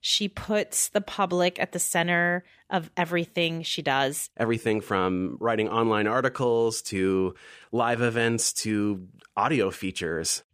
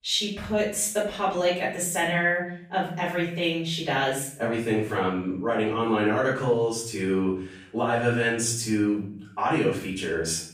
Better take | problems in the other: first | room echo; noticeable; dies away in 0.5 s // off-mic speech; far

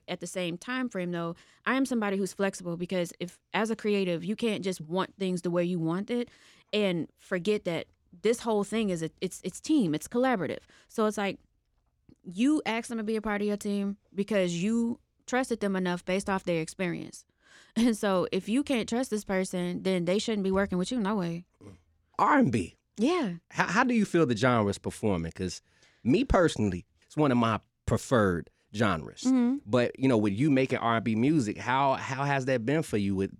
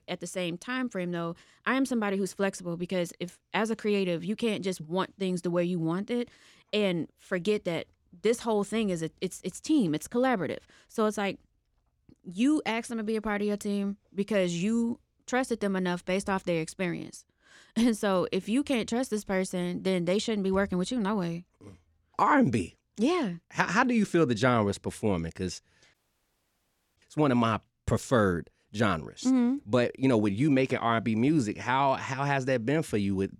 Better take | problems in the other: first | audio cutting out; at 26 s for 1 s

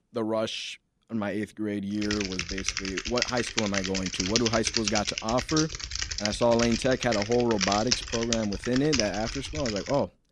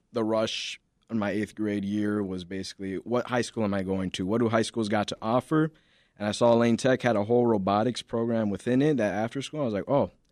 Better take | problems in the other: second | keyboard typing; loud; from 2 s on; peak 3 dB above the speech

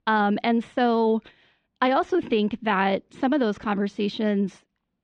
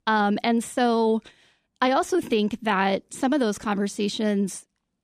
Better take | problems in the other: second | muffled; slightly; fading above 3.5 kHz

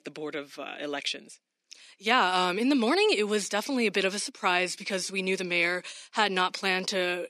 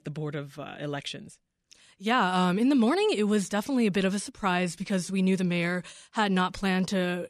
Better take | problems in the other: second | thin; very slightly; fading below 250 Hz

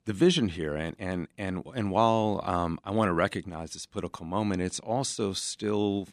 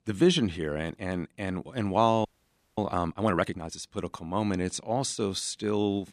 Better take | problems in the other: first | audio freezing; at 2.5 s for 0.5 s

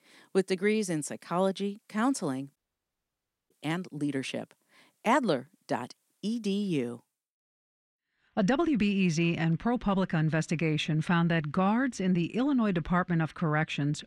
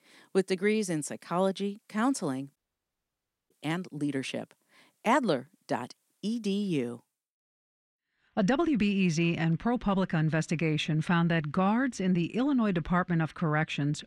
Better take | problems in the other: neither | audio cutting out; at 2.5 s for 1 s; the same in both

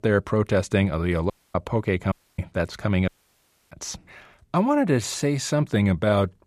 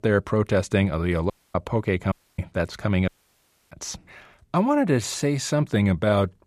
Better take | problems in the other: neither | audio cutting out; at 1.5 s, at 2 s and at 3 s for 0.5 s; the same in both

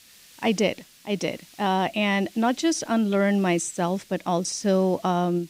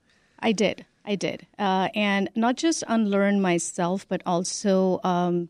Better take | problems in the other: second | hiss; faint; throughout; 25 dB below the speech

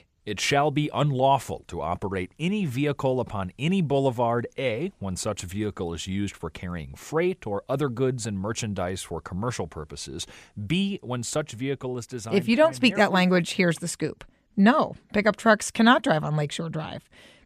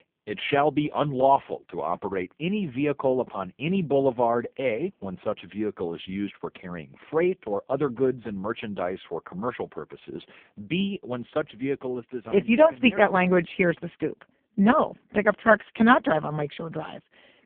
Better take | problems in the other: first | phone-call audio; poor line

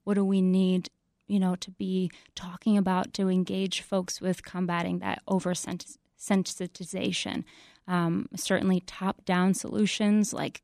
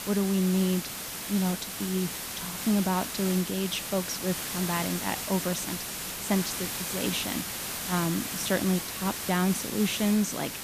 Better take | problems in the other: first | hiss; loud; throughout; 3 dB below the speech

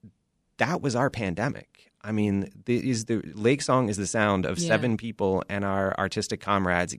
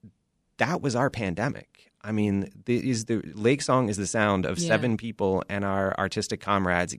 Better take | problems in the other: neither | none

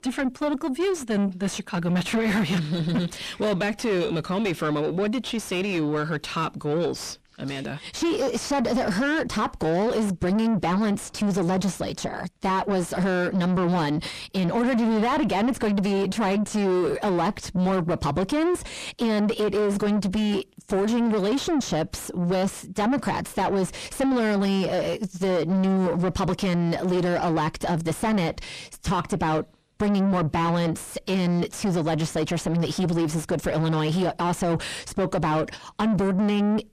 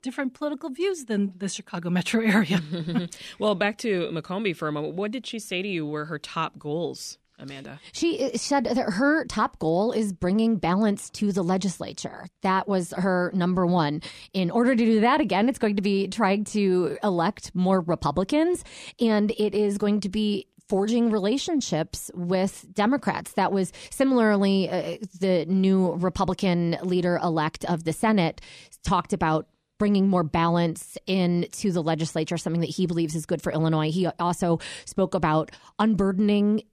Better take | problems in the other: second | distortion; heavy; 5 dB below the speech

